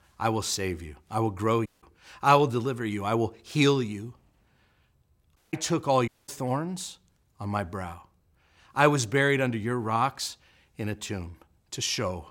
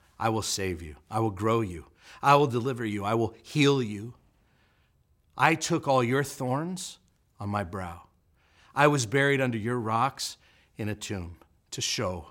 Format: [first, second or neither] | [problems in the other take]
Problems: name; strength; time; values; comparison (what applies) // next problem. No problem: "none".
second | audio cutting out; at 1.5 s, at 5.5 s and at 6 s